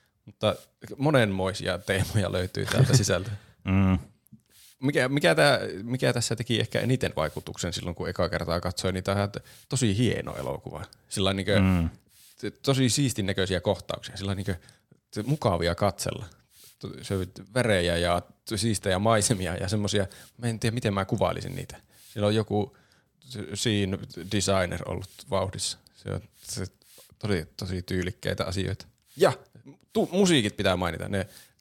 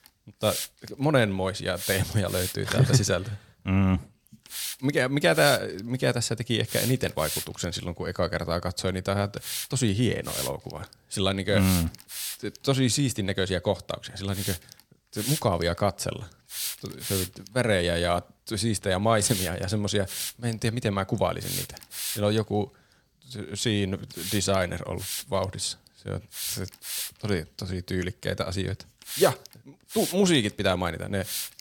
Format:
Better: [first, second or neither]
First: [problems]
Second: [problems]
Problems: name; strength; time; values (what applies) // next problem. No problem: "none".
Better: first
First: hiss; faint; throughout; 30 dB below the speech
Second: hiss; loud; throughout; 6 dB below the speech